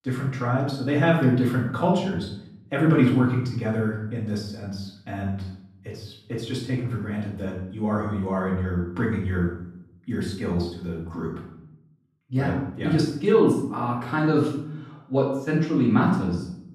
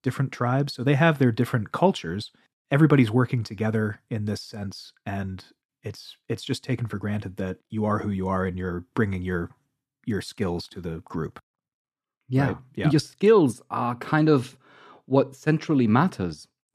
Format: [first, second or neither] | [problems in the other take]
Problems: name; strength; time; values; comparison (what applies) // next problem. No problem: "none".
second | off-mic speech; far // room echo; noticeable; dies away in 0.6 s